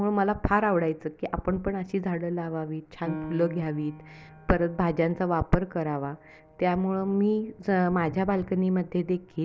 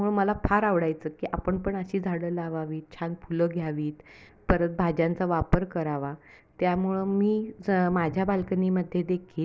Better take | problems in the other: second | background sound (Piano); 19 dB below the speech

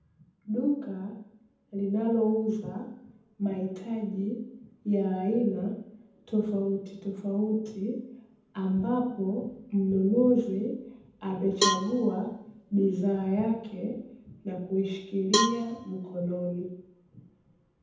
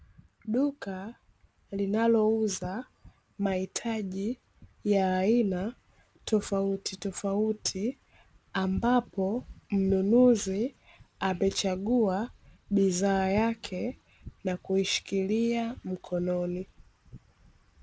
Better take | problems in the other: second | background sound (Cowbell); 3 dB below the speech // room echo; dies away in 0.8 s

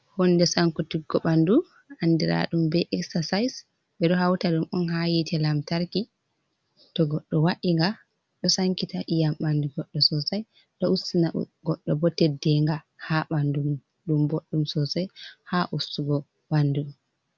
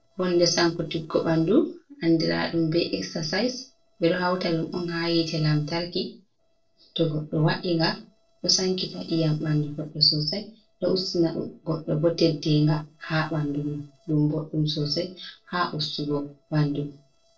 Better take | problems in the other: first | noise reduction (neural separator model SepFormer DNS4)

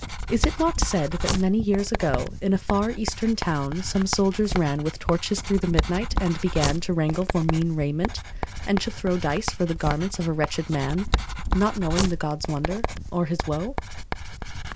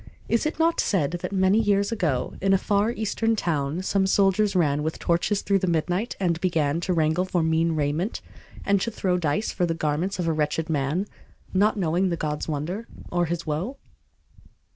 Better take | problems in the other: second | background sound (Writing); 4 dB below the speech

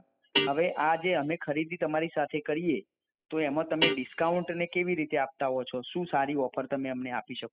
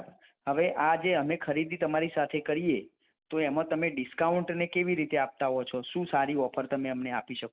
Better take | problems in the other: second | noise reduction (classical method spectral subtraction)

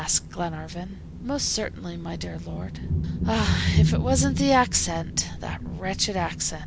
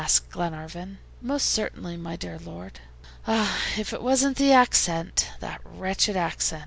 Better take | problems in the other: second | background sound (Thunder); 1 dB below the speech

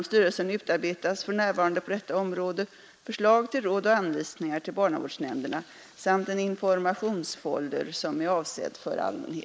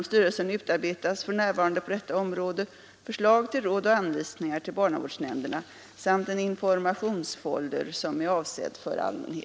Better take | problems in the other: second | noise reduction (neural mask model Resemble Enhance denoiser)

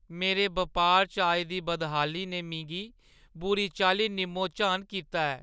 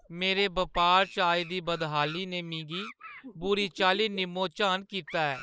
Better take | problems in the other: first | noise reduction (neural mask model Resemble Enhance denoiser)

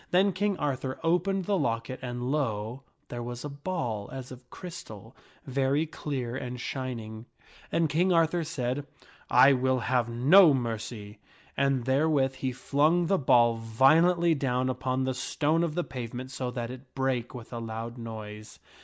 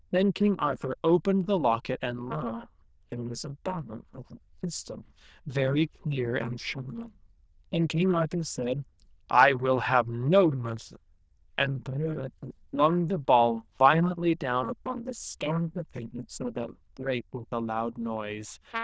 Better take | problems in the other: first | noise reduction (neural diffusion model UNIVERSE++)

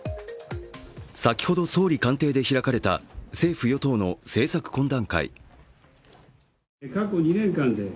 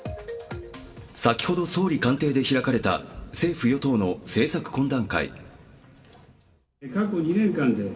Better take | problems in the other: first | room echo; dies away in 2.1 s

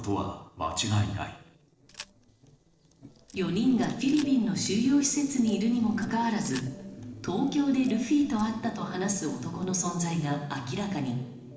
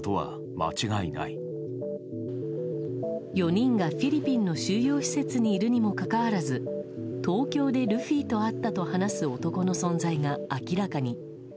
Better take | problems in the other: second | noise reduction (neural separator model SepFormer DNS4)

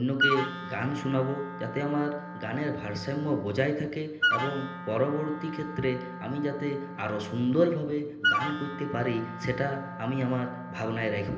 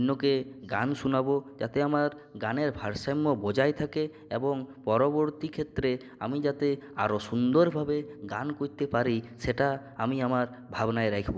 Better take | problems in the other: second | background sound (Wind instrument, woodwind instrument); 5 dB below the speech // room echo; dies away in 0.8 s

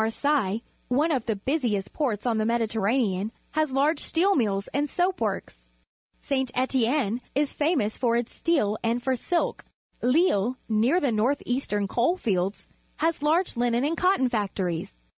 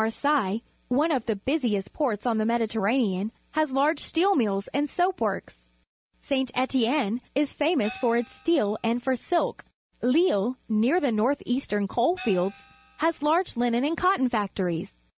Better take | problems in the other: first | background sound (Gong); 18 dB below the speech

